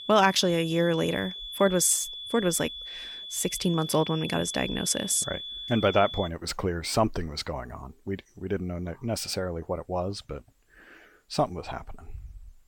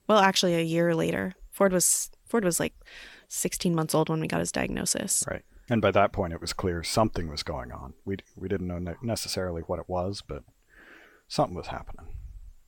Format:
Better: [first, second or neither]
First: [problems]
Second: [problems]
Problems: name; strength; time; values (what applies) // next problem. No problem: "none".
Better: second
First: high-pitched whine; loud; until 6.5 s; 3.5 kHz, 9 dB below the speech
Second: none